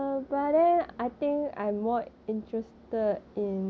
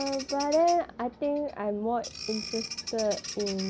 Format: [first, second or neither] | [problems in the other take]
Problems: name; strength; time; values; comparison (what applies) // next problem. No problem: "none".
first | background sound (Bird vocalization, bird call, bird song); 11 dB below the speech